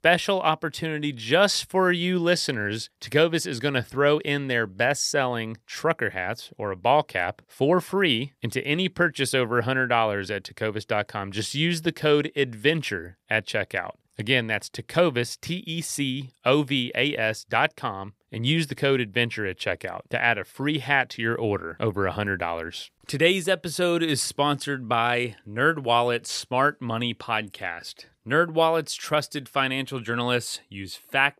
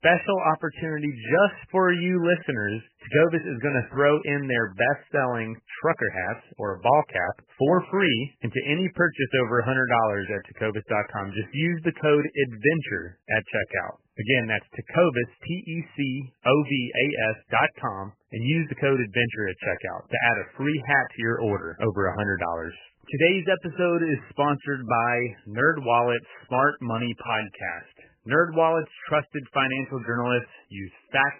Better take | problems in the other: first | garbled, watery; badly; nothing above 3 kHz

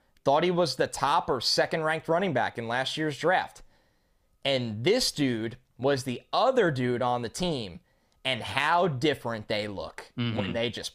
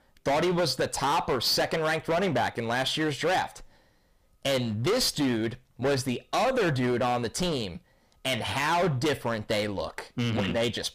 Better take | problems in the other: first | distortion; heavy; 17% of the sound clipped

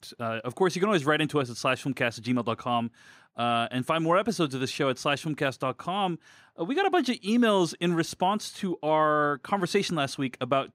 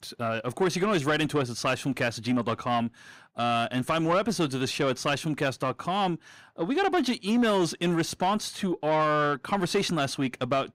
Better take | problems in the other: first | distortion; slight; 10 dB below the speech

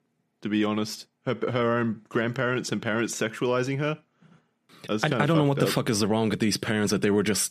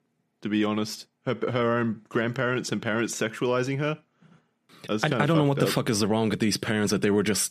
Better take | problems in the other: neither | none

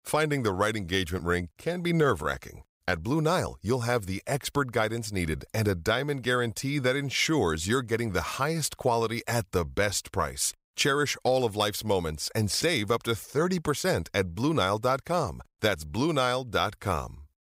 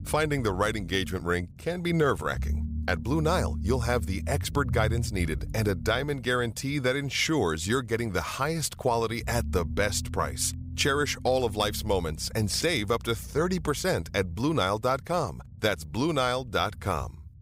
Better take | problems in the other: first | low rumble; faint; throughout; 20 dB below the speech

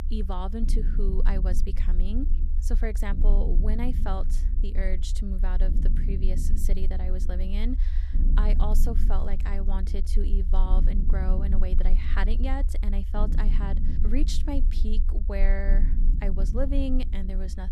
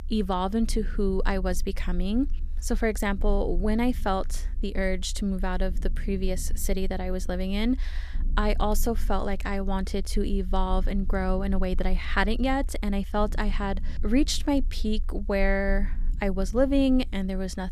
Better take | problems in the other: second | low rumble; loud; throughout; 9 dB below the speech; faint in the second

